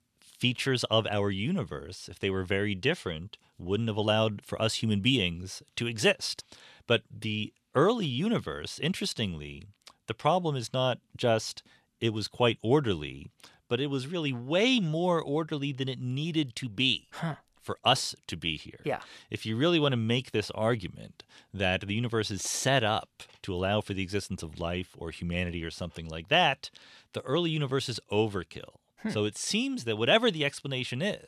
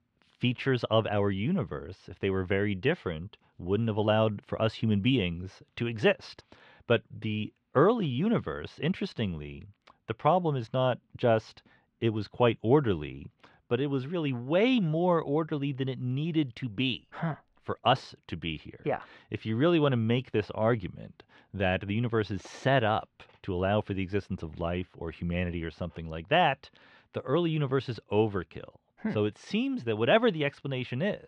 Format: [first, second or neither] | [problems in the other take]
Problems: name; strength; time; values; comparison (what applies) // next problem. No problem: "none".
first | muffled; very; fading above 2 kHz